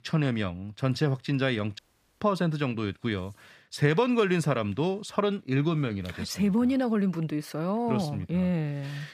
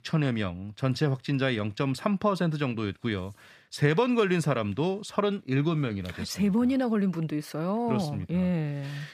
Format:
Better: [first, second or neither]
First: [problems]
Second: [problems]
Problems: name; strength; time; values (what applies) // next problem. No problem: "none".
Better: second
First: audio cutting out; at 2 s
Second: none